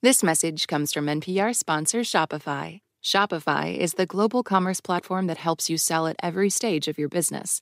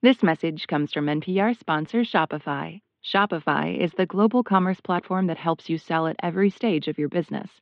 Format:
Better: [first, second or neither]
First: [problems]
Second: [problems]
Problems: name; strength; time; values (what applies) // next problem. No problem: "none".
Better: first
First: none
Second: muffled; very; fading above 3.5 kHz